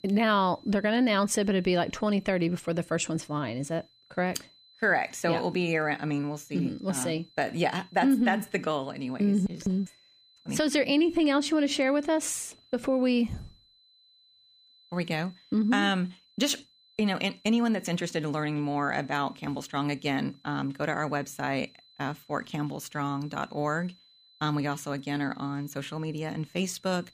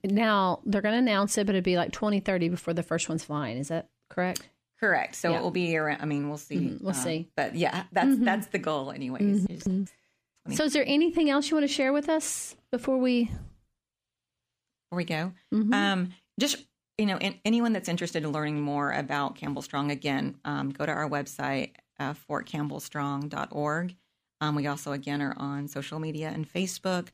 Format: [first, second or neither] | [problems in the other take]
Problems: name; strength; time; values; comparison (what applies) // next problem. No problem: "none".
second | high-pitched whine; faint; throughout; 4 kHz, 30 dB below the speech